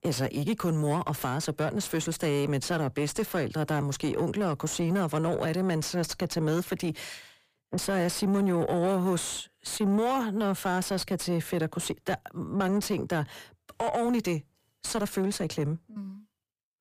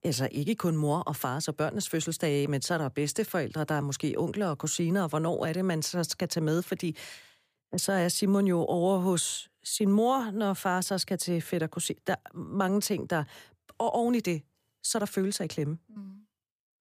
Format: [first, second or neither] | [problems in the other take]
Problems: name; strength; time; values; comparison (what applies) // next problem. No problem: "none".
second | distortion; slight; 10 dB below the speech